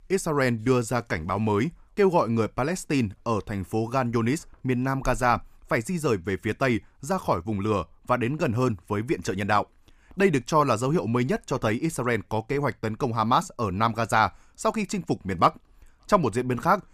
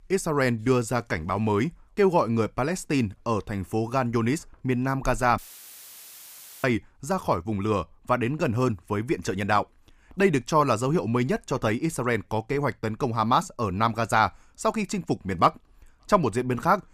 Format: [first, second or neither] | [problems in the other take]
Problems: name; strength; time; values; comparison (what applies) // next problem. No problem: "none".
first | audio cutting out; filled with static; at 5.5 s for 1.5 s